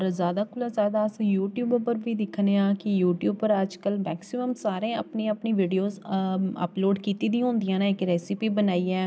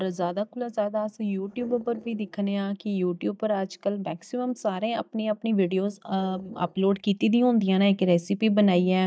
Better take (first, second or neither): first